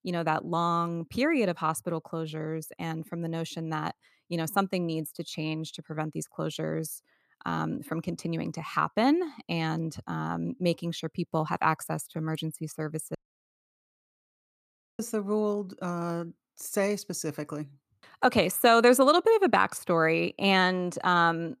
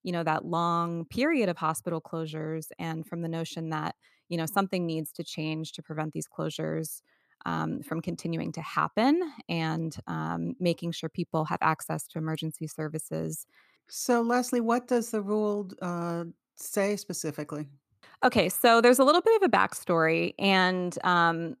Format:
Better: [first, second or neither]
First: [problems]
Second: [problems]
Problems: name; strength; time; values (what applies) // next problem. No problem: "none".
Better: second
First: audio cutting out; at 13 s for 2 s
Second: none